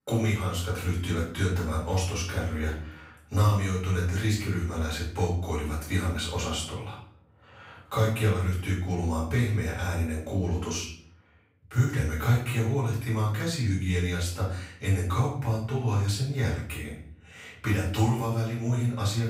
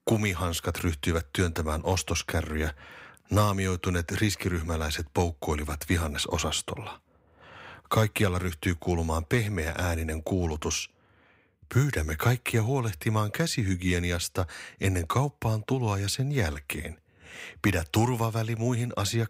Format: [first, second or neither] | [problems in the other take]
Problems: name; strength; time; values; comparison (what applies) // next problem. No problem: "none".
second | off-mic speech; far // room echo; noticeable; dies away in 0.5 s